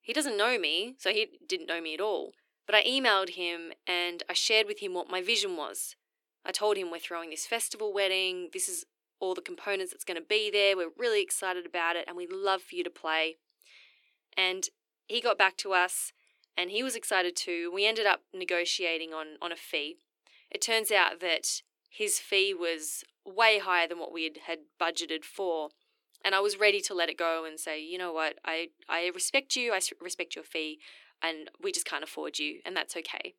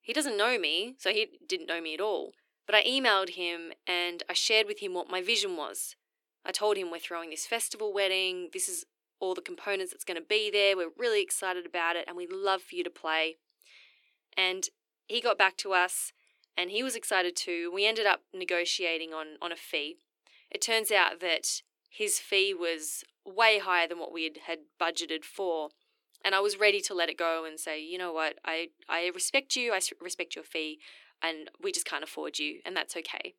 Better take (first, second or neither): neither